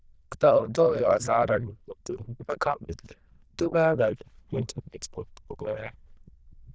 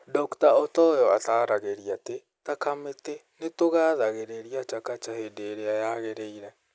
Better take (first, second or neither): second